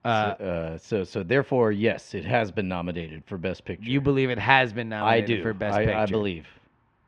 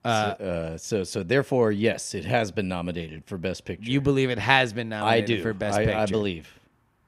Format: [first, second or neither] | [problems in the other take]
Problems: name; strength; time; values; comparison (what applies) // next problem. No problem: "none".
second | muffled; slightly; fading above 2.5 kHz